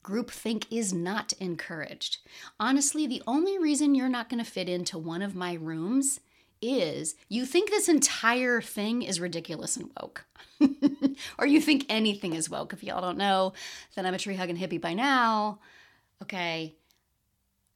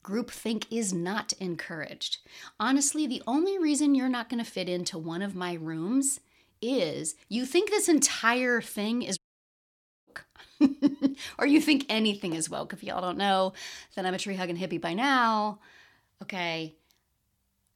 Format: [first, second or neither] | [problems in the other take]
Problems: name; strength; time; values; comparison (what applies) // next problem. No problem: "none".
first | audio cutting out; at 9 s for 1 s